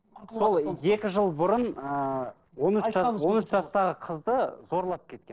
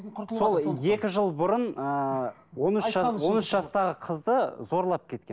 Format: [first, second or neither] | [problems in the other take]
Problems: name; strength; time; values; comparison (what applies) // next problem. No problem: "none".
second | noise reduction (neural separator model SepFormer DNS4)